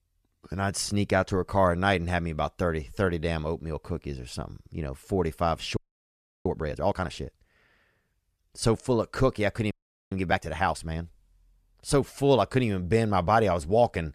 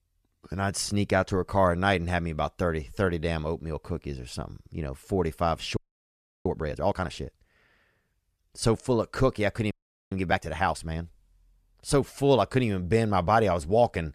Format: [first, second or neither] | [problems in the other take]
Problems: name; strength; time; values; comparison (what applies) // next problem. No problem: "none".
neither | audio freezing; at 6 s for 0.5 s and at 9.5 s; the same in both